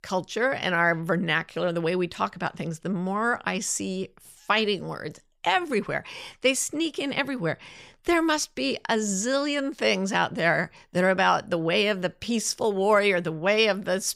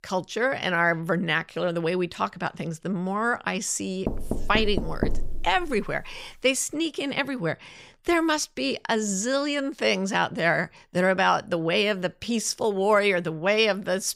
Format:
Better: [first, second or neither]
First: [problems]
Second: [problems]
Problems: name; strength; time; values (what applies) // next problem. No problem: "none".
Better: first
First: none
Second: door banging; noticeable; from 4 to 6 s; peak 5 dB below the speech